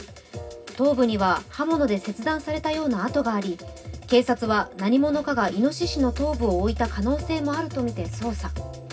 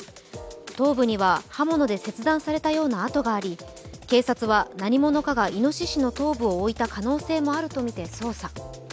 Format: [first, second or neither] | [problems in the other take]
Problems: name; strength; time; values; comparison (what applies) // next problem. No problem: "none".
second | room echo; dies away in 0.4 s